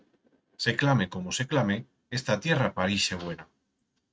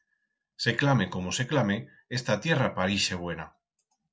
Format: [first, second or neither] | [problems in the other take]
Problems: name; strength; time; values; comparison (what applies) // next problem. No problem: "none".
second | noise reduction (neural mask model RNNoise)